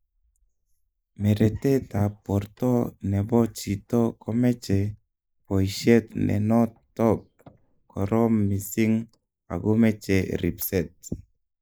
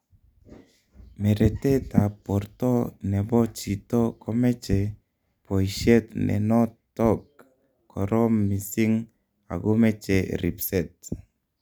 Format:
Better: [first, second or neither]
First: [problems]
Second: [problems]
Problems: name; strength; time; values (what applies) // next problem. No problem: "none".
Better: second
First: noise reduction (neural mask model Resemble Enhance denoiser)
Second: none